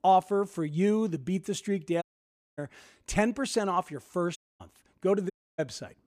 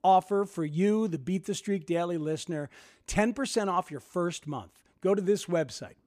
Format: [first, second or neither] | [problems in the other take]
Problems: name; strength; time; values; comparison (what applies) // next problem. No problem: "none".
second | audio cutting out; at 2 s for 0.5 s, at 4.5 s and at 5.5 s